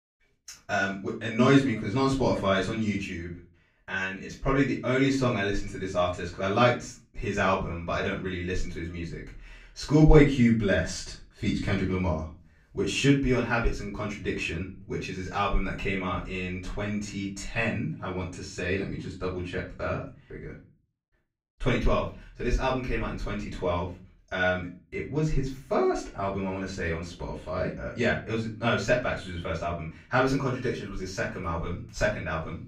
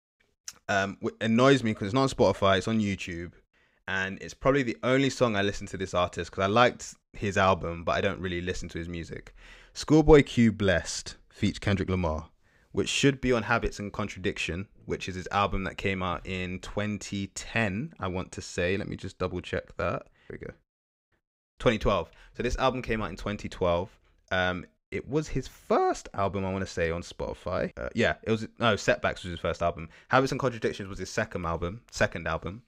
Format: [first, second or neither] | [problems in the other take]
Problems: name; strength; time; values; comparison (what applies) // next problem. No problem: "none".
second | off-mic speech; far // room echo; slight; dies away in 0.3 s